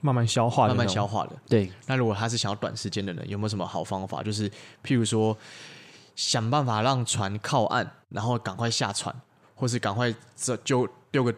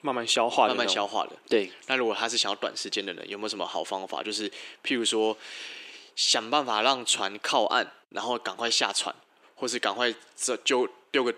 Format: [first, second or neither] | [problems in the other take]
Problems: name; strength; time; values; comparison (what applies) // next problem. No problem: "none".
first | thin; somewhat; fading below 300 Hz